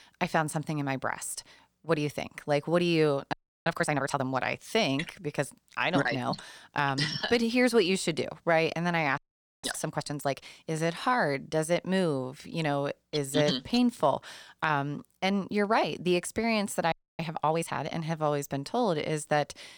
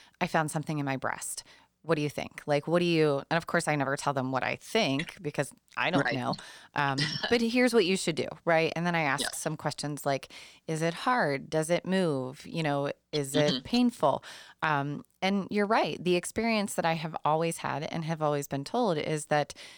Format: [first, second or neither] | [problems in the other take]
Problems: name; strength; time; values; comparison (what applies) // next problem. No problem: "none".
second | audio freezing; at 3.5 s, at 9 s and at 17 s